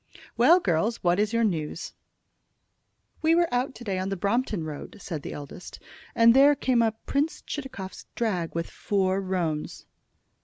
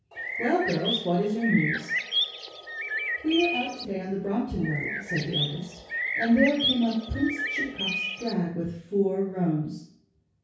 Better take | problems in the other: first | background sound (Bird); 3 dB below the speech // room echo; dies away in 0.6 s

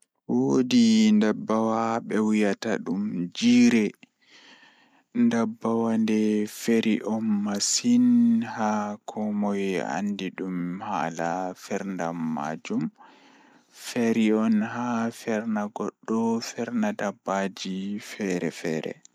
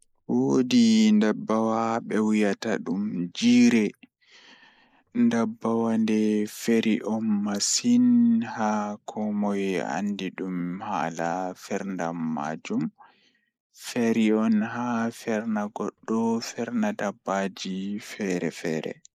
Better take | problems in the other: first | noise reduction (neural mask model Resemble Enhance denoiser)

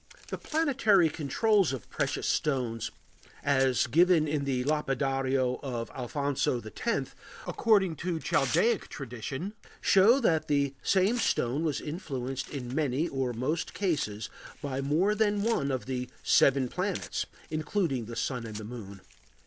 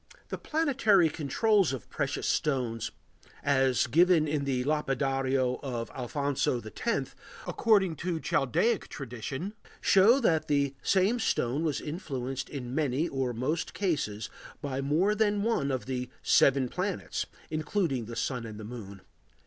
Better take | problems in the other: second | background sound (Tearing); 20 dB below the speech

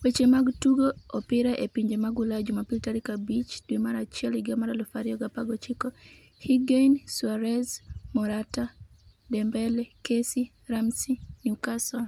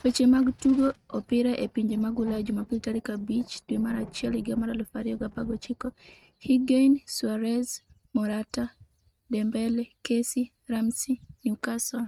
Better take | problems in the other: first | noise reduction (neural mask model RNNoise)

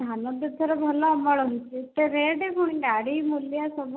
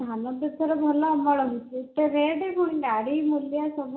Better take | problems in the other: first | room echo; dies away in 0.5 s

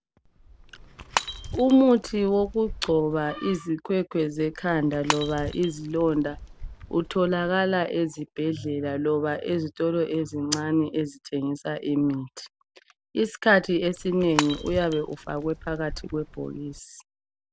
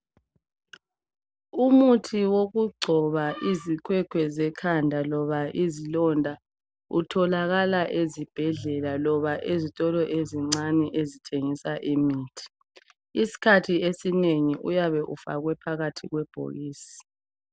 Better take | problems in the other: second | background sound (Shatter / Crushing); 11 dB below the speech

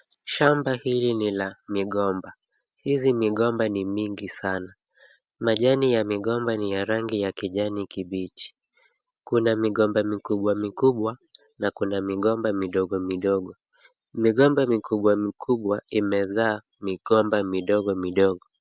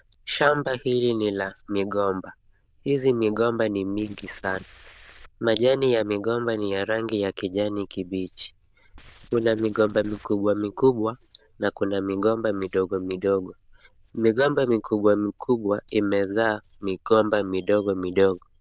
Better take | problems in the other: first | noise reduction (neural diffusion model UNIVERSE++)

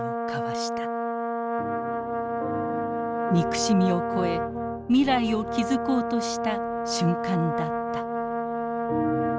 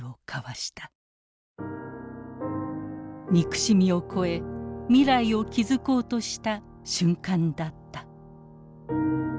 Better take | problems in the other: second | background sound (Brass instrument); as loud as the speech

